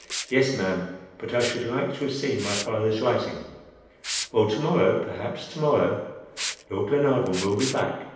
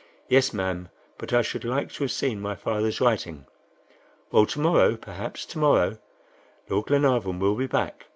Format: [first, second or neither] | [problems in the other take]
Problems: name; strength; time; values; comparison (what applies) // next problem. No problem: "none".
second | background sound (Liquid); 12 dB below the speech // room echo; dies away in 0.9 s